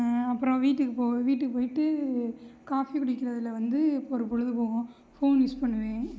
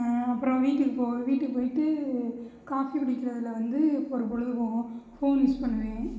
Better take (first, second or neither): first